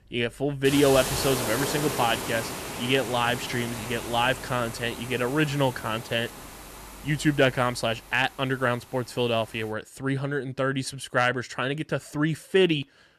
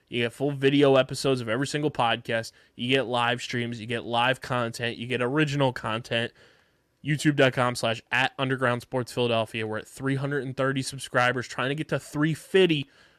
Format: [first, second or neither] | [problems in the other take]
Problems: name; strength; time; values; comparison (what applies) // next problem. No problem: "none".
second | hiss; loud; until 9.5 s; 7 dB below the speech